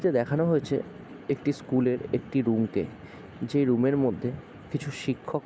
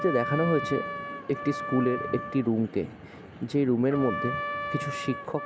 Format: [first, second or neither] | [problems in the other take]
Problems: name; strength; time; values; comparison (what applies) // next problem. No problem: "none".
first | background sound (Trumpet); 7 dB below the speech